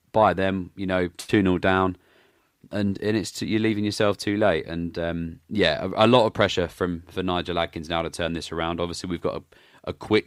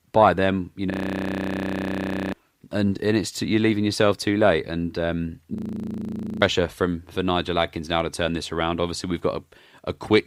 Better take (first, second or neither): first